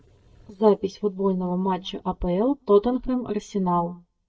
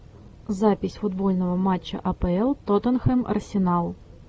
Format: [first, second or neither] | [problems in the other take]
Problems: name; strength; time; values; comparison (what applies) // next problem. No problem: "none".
second | noise reduction (neural mask model DeepFilterNet 3)